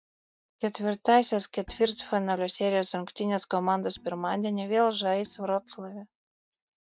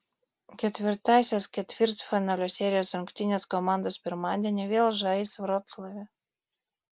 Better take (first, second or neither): second